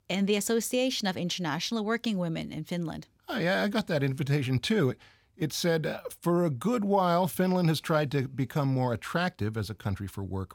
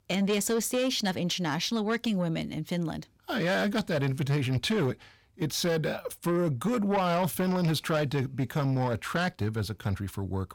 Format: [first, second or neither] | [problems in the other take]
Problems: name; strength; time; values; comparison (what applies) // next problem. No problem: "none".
first | distortion; slight; 10 dB below the speech